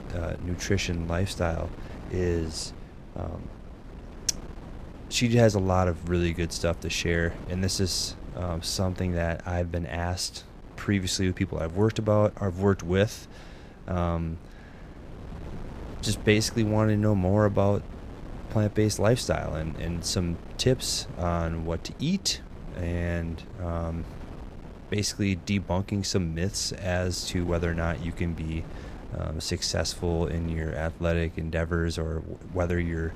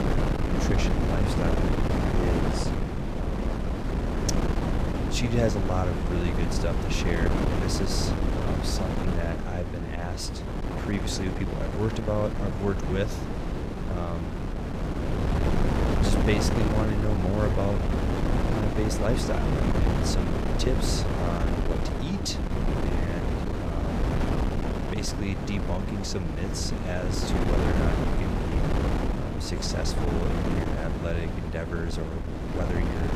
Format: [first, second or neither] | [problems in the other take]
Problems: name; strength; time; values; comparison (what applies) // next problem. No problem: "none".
first | wind noise on the microphone; heavy; 1 dB above the speech; occasional gusts in the first